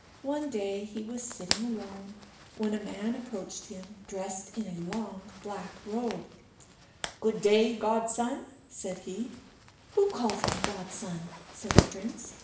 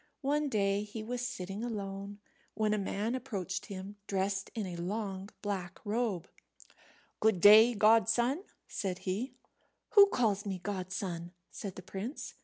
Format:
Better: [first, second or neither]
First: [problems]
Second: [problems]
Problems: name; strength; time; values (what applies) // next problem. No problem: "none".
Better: second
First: background sound (Zipper (clothing)); 4 dB below the speech // room echo; dies away in 0.7 s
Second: none